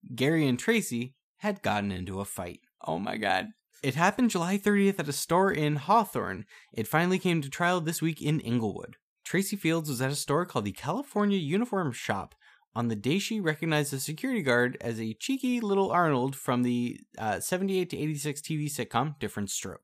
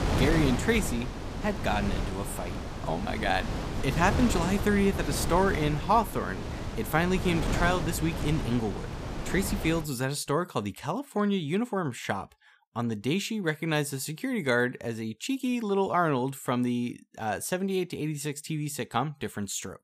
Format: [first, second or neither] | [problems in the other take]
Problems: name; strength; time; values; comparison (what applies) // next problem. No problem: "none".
first | wind noise on the microphone; heavy; until 10 s; 7 dB below the speech